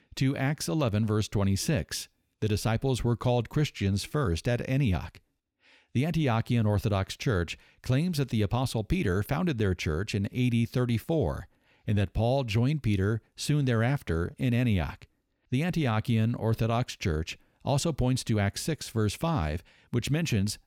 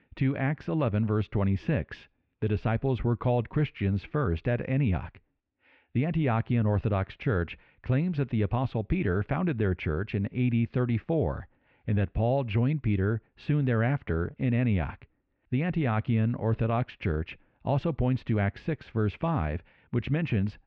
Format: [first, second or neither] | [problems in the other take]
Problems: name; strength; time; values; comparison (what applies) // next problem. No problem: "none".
first | muffled; very; fading above 2.5 kHz